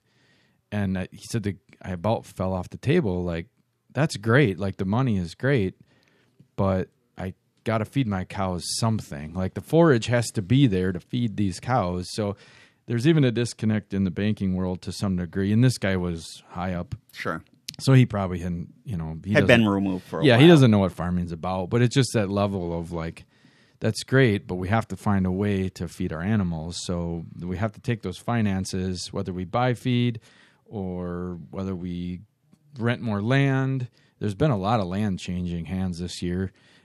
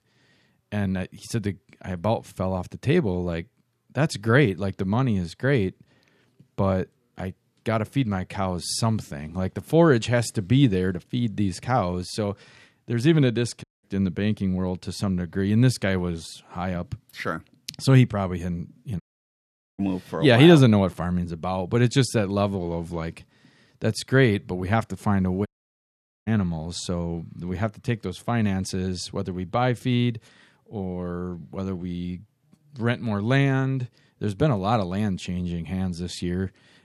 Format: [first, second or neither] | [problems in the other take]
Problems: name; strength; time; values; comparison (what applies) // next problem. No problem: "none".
first | audio cutting out; at 14 s, at 19 s for 1 s and at 25 s for 1 s